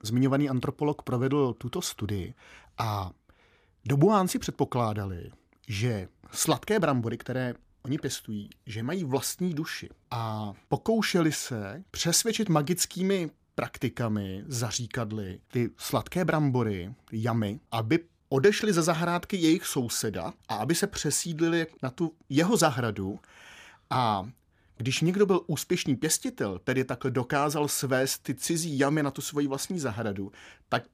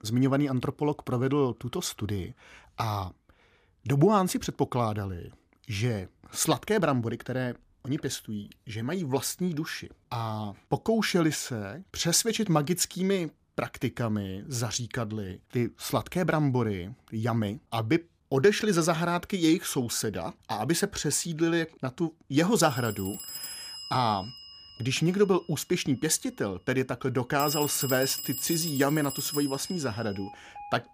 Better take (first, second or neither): first